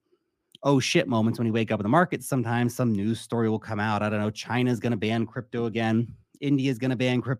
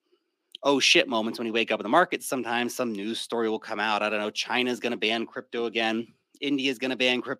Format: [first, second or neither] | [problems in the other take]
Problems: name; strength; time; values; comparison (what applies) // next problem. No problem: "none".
first | thin; somewhat; fading below 300 Hz